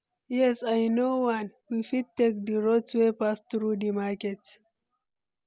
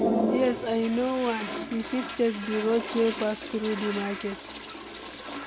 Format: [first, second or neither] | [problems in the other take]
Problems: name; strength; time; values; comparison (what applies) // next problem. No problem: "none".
first | background sound (Toilet flush); 4 dB below the speech